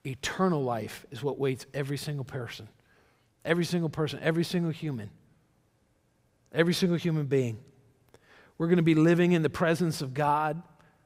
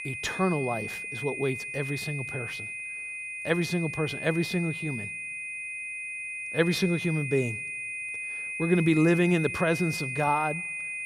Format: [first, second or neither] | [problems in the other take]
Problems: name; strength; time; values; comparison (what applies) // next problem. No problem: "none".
first | high-pitched whine; loud; throughout; 2.5 kHz, 5 dB below the speech